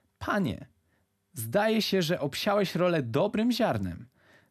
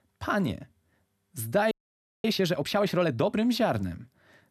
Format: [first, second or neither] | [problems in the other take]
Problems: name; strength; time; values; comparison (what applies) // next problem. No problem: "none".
first | audio freezing; at 1.5 s for 0.5 s